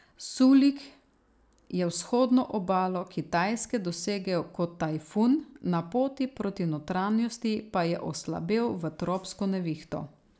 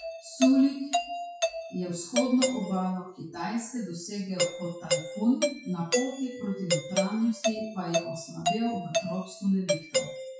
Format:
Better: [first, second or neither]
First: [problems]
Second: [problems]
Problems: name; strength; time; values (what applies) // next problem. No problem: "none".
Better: first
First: none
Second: noise reduction (classical method WPE with log-MMSE)